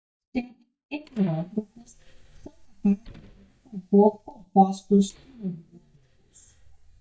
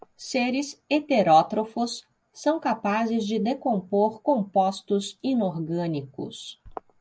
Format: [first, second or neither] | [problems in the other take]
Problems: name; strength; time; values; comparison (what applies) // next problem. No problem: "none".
second | noise reduction (neural mask model DeepFilterNet 3)